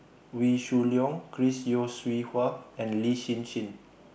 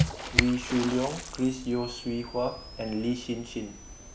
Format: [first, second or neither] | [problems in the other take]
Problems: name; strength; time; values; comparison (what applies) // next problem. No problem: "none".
first | background sound (Camera + Water / Splash, splatter); 3 dB below the speech